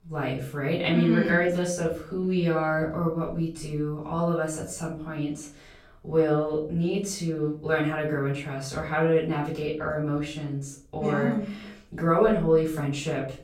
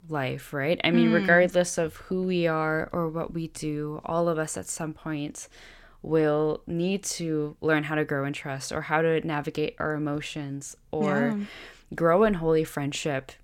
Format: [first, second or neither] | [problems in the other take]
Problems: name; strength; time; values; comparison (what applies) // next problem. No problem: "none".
second | off-mic speech; far // room echo; slight; dies away in 0.4 s